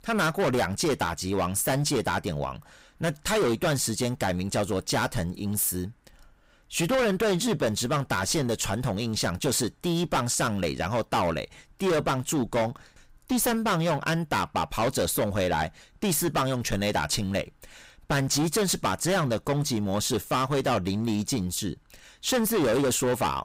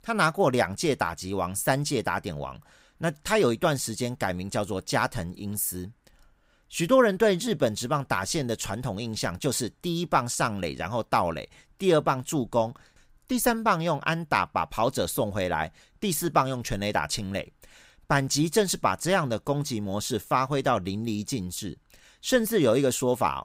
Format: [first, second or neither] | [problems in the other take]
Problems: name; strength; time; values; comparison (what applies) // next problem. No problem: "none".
second | distortion; heavy; 15% of the sound clipped